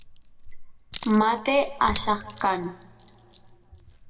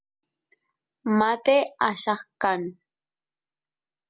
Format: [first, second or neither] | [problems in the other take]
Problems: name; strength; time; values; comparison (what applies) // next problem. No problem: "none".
second | background sound (Chink, clink); 12 dB below the speech // room echo; dies away in 1.2 s